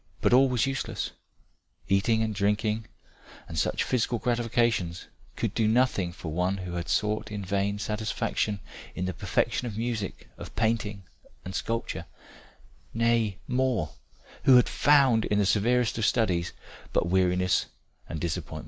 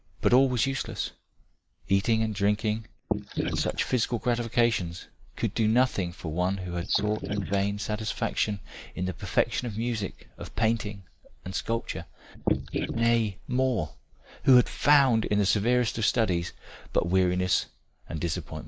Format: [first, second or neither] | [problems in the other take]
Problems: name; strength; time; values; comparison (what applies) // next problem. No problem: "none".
first | noise reduction (neural mask model Resemble Enhance denoiser)